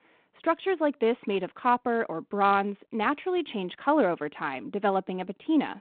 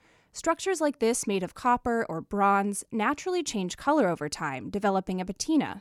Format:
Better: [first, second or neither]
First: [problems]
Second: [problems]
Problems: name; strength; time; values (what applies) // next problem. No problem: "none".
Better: second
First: phone-call audio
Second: none